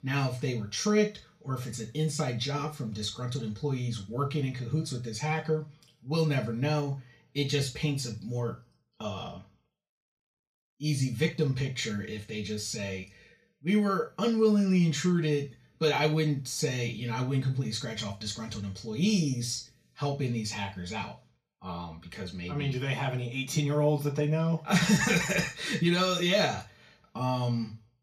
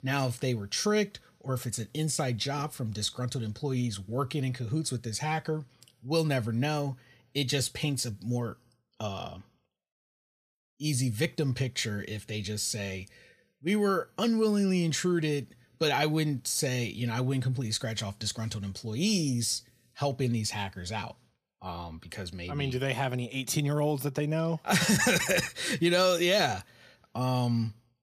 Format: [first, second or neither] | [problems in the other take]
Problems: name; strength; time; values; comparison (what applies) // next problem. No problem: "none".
second | room echo; very slight; dies away in 0.2 s // off-mic speech; far